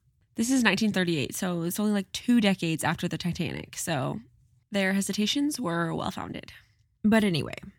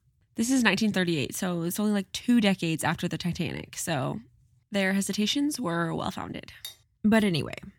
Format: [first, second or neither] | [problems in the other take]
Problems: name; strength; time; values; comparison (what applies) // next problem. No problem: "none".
first | clattering dishes; faint; at 6.5 s; peak 15 dB below the speech